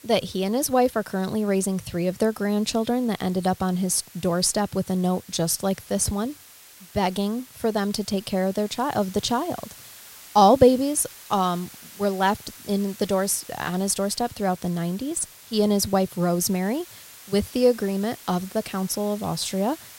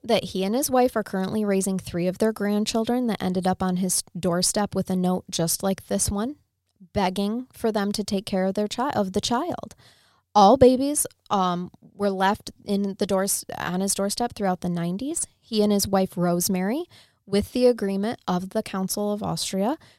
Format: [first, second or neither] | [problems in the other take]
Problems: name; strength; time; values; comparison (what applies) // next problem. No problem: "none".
second | hiss; noticeable; throughout; 20 dB below the speech